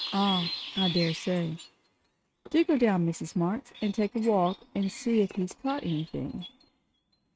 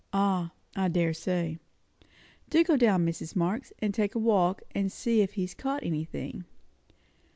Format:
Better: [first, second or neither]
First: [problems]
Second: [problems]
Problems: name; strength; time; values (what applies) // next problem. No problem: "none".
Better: second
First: noise reduction (neural mask model RNNoise)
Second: none